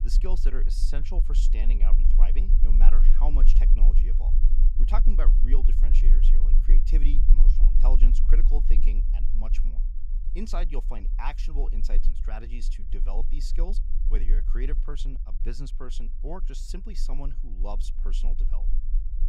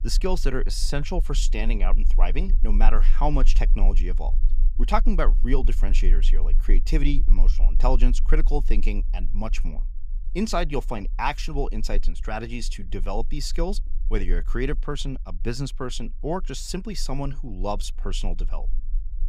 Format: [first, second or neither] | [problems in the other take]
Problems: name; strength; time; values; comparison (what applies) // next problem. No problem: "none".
second | low rumble; loud; throughout; 9 dB below the speech; faint in the second